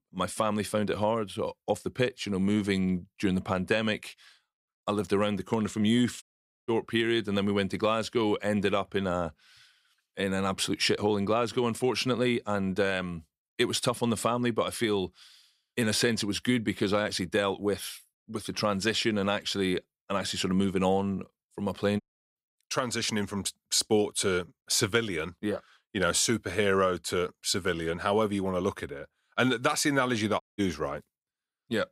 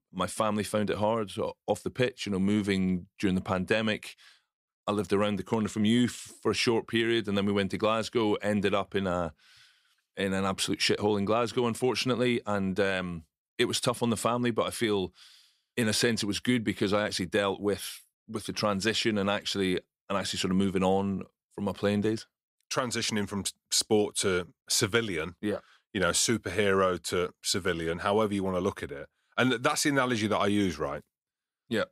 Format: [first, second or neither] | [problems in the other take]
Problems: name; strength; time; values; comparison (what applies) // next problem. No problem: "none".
second | audio cutting out; at 6 s, at 22 s and at 30 s